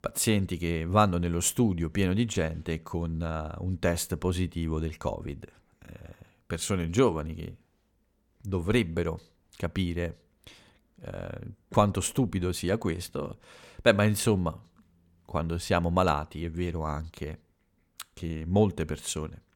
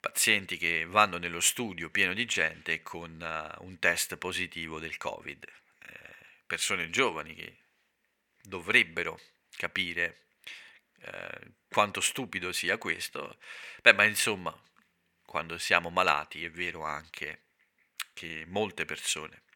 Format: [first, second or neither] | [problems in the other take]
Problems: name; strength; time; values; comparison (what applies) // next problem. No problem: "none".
first | thin; somewhat; fading below 950 Hz